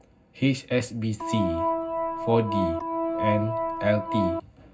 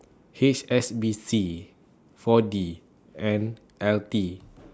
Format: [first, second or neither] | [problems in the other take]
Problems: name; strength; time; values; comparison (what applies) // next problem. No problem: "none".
second | background sound (Organ); as loud as the speech // room echo; dies away in 0.4 s